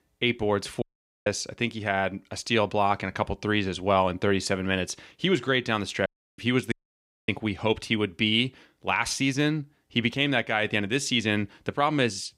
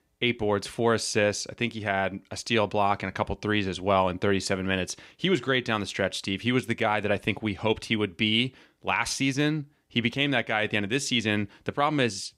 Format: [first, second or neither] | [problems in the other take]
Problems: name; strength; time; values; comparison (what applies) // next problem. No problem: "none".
second | audio cutting out; at 1 s, at 6 s and at 6.5 s for 0.5 s